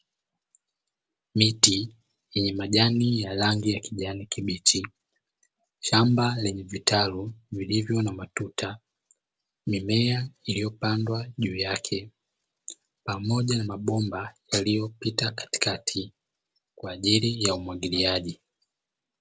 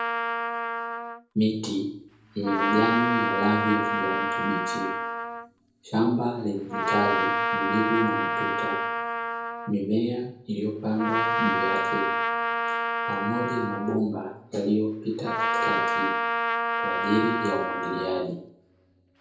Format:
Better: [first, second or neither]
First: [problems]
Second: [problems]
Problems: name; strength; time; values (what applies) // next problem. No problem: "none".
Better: first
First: none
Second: background sound (Trumpet); 1 dB above the speech // room echo; dies away in 0.7 s